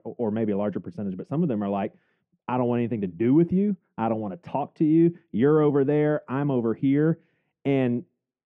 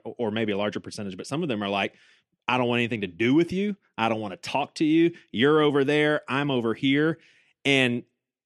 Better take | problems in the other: second | muffled; very; fading above 2 kHz

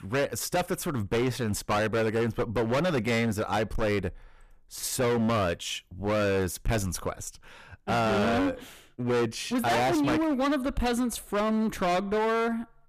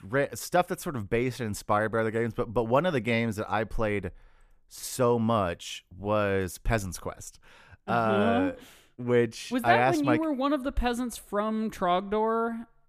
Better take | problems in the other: second | distortion; heavy; 20% of the sound clipped

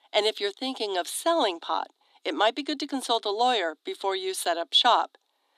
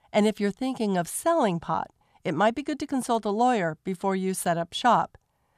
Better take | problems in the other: second | thin; somewhat; fading below 250 Hz

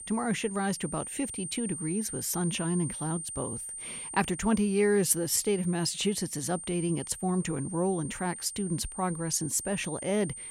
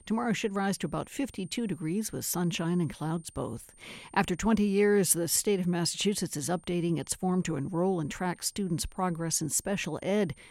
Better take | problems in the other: second | high-pitched whine; loud; throughout; 9 kHz, 8 dB below the speech; faint in the second

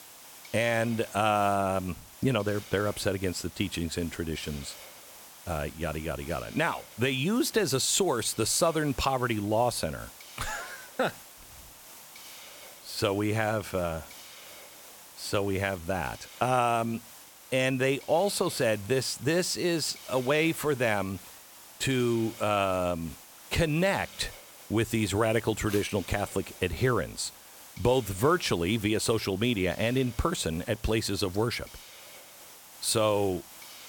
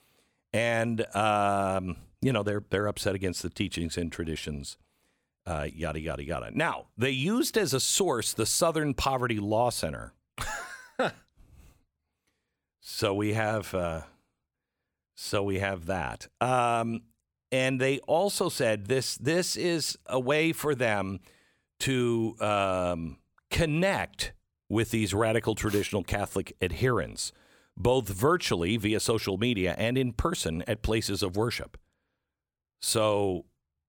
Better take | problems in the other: second | hiss; noticeable; throughout; 15 dB below the speech

